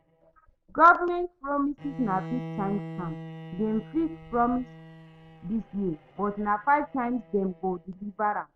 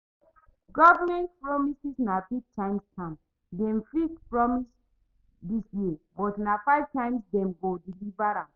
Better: second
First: background sound (Bowed string instrument); 15 dB below the speech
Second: none

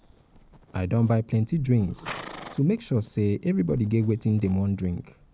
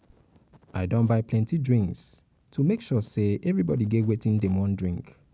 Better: second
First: background sound (Livestock, farm animals, working animals); 20 dB below the speech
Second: none

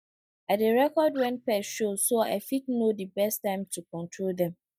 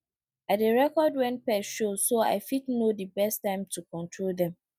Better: second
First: noise reduction (neural mask model DeepFilterNet 3)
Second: none

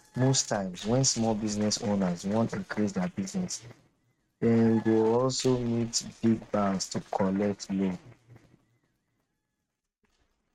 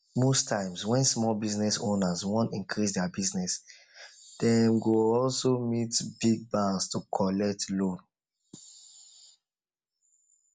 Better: second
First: noise reduction (neural mask model RNNoise)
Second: none

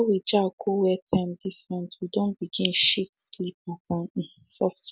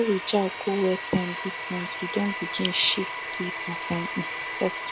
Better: first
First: none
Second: background sound (Domestic sounds, home sounds); 5 dB below the speech

